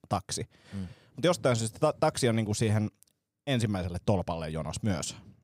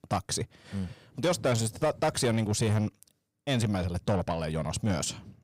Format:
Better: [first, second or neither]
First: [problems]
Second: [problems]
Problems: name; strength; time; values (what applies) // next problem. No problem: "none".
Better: first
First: none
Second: distortion; slight; 10 dB below the speech